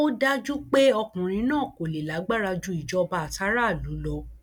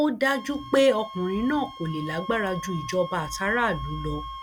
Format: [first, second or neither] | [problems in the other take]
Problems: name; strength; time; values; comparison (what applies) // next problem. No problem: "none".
first | background sound (Wind instrument, woodwind instrument); 13 dB below the speech